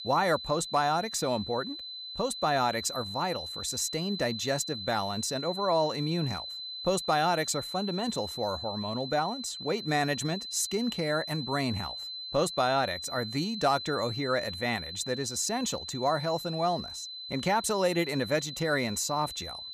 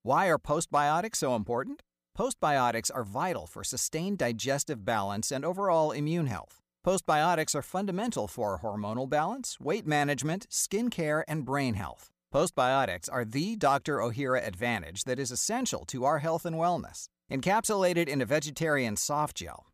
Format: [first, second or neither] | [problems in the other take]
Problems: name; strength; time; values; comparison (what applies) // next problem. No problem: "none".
second | high-pitched whine; loud; throughout; 4 kHz, 7 dB below the speech